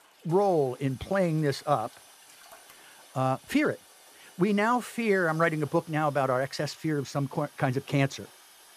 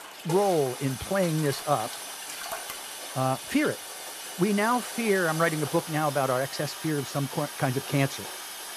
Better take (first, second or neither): first